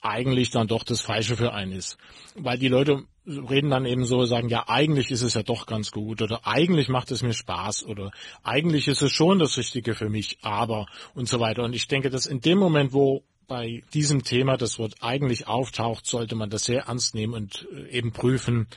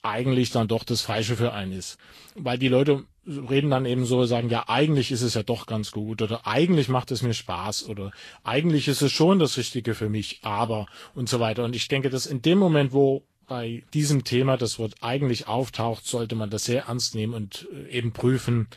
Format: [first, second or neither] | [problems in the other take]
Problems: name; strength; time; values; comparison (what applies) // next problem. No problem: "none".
second | garbled, watery; badly; slightly in the second